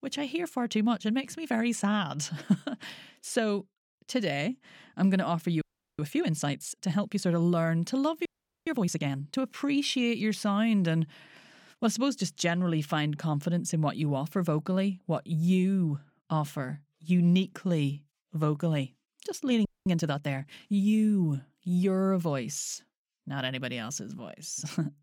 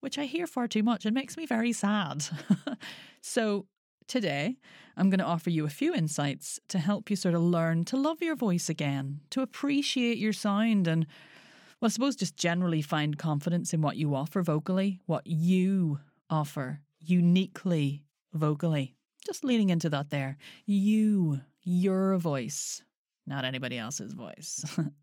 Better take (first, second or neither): second